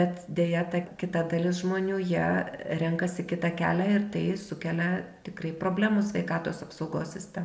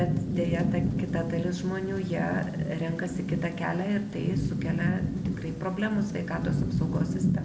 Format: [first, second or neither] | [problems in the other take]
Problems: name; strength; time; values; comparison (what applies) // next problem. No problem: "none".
first | background sound (Rain / Thunderstorm); 2 dB above the speech